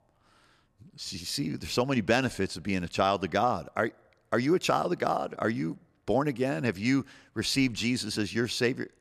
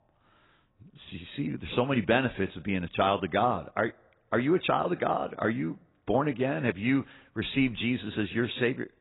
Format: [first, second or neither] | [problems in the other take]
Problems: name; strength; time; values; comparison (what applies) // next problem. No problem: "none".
first | garbled, watery; badly; nothing above 4 kHz